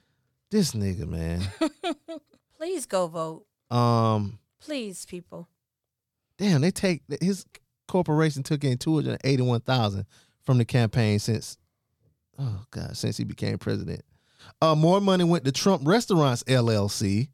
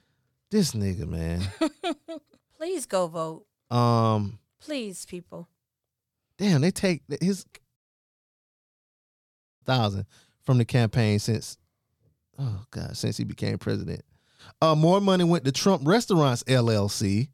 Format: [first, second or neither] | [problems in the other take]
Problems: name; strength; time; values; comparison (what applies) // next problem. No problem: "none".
first | audio cutting out; at 8 s for 2 s